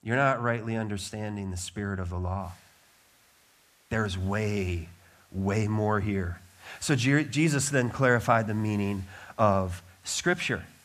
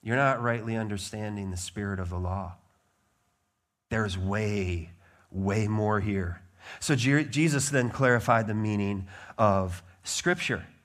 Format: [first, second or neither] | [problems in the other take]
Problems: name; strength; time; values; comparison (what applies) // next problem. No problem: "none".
second | hiss; faint; from 2.5 s on; 30 dB below the speech